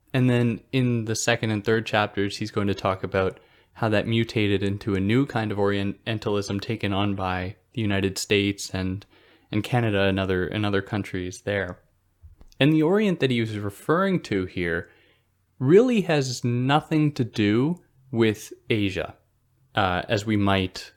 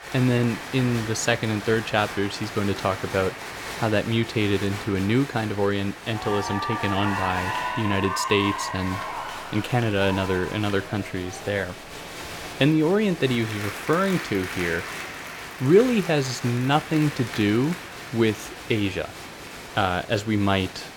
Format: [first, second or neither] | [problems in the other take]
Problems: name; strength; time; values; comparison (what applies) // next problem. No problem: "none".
first | crowd noise; loud; throughout; 8 dB below the speech